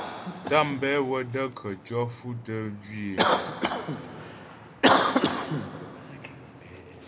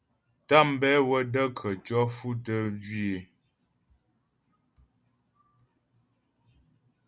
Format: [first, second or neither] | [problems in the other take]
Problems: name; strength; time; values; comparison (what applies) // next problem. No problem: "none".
second | background sound (Cough); 3 dB above the speech